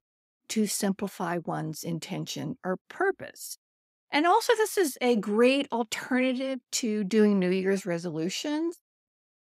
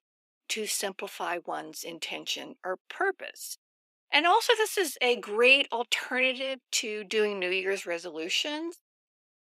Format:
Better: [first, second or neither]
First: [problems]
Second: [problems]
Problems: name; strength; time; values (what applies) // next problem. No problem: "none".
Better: first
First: none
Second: thin; somewhat; fading below 400 Hz